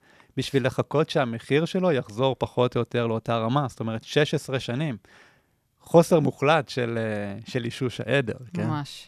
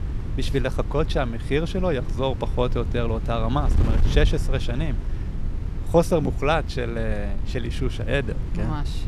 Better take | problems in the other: first | wind noise on the microphone; occasional gusts; 15 dB below the speech

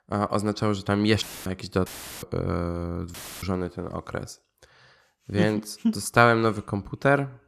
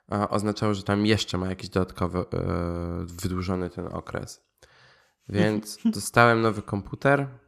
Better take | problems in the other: second | audio cutting out; filled with static; at 1 s, at 2 s and at 3 s

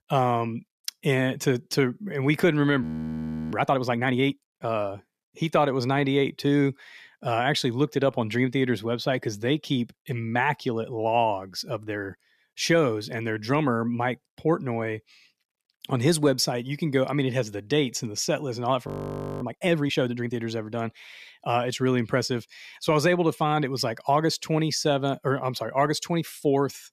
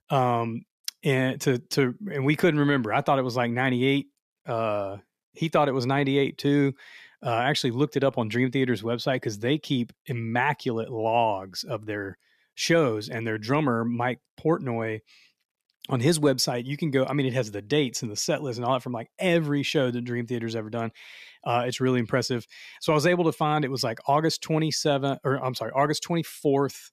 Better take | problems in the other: second | audio freezing; at 3 s for 0.5 s and at 19 s for 0.5 s

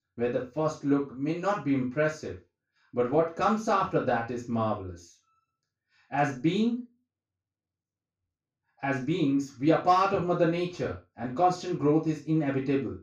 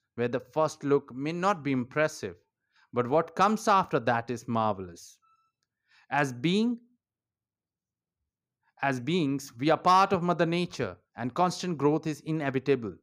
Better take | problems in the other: second | room echo; slight; dies away in 0.3 s // off-mic speech; far

